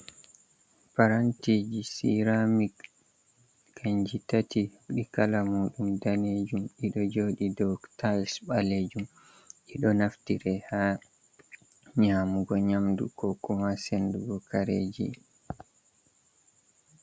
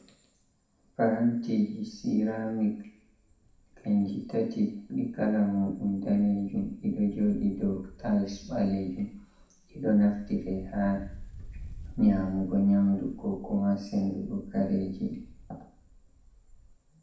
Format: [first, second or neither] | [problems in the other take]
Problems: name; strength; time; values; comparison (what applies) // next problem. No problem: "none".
first | background sound (Wind); 19 dB below the speech // room echo; dies away in 0.6 s